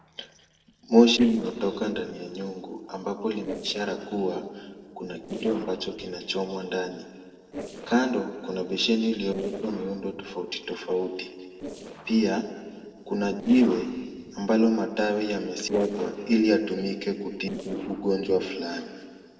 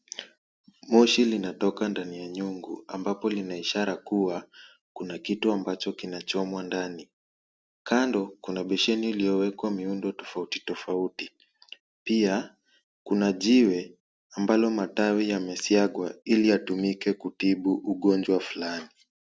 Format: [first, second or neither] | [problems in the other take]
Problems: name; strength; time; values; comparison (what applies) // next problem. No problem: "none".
second | noise reduction (neural separator model SepFormer DNS4)